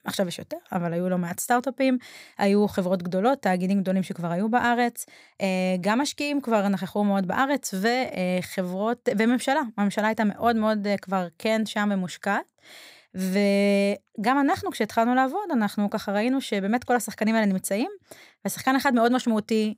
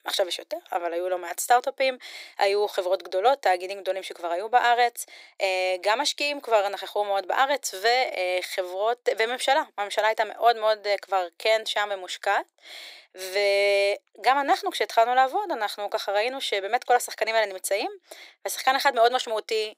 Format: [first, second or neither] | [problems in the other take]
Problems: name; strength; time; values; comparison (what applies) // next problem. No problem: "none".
first | thin; very; fading below 350 Hz